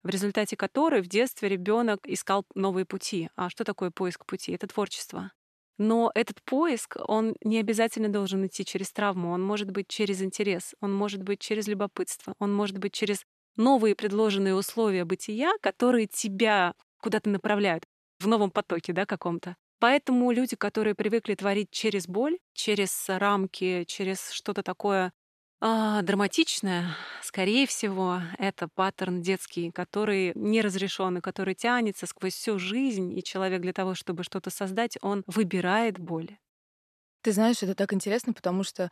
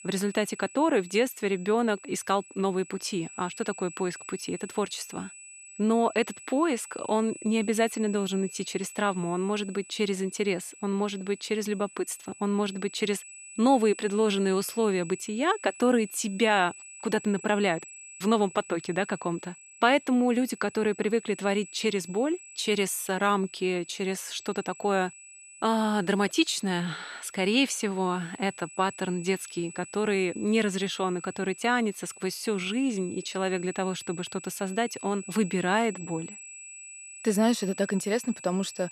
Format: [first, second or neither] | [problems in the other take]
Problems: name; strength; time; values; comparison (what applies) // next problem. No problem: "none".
first | high-pitched whine; noticeable; throughout; 8 kHz, 15 dB below the speech